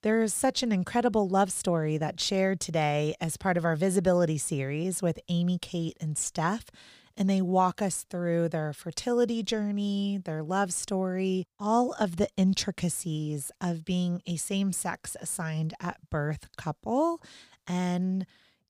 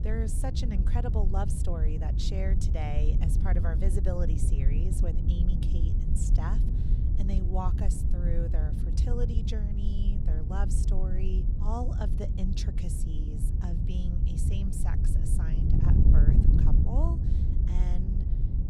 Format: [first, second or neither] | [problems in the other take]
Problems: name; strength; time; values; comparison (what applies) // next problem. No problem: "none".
first | wind noise on the microphone; heavy; 2 dB below the speech